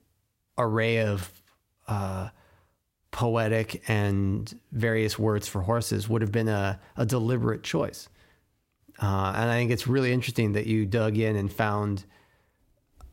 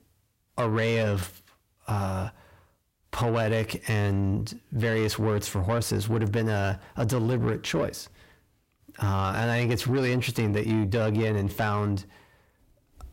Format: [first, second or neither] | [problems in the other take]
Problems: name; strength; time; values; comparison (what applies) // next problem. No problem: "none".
first | distortion; slight; 10 dB below the speech